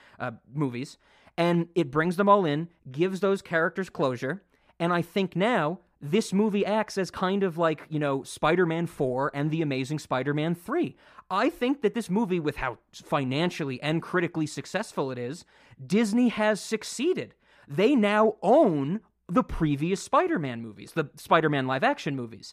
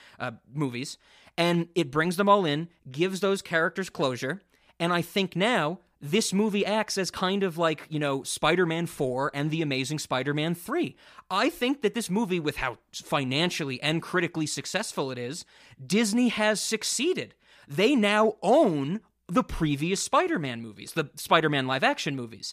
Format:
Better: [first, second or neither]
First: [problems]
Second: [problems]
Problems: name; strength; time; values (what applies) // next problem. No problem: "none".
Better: second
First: muffled; slightly; fading above 2 kHz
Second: none